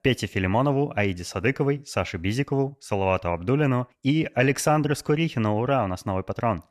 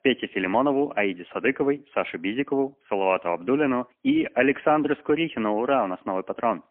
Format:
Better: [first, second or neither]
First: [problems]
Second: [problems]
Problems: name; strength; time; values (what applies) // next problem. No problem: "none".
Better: first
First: none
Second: phone-call audio; poor line; nothing above 3 kHz